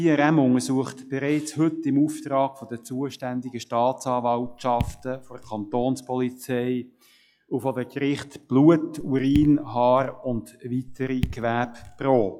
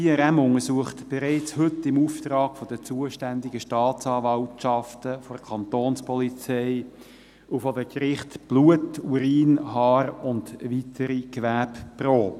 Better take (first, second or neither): second